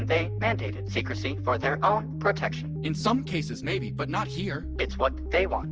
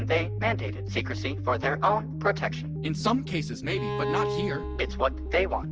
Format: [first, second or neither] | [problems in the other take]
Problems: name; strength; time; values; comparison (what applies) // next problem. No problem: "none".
first | background sound (Bowed string instrument); 6 dB below the speech